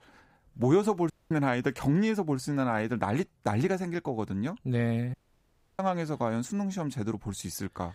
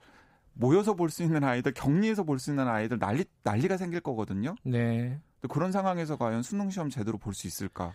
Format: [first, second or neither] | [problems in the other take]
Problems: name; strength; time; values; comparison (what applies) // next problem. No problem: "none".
second | audio cutting out; at 1 s and at 5 s for 0.5 s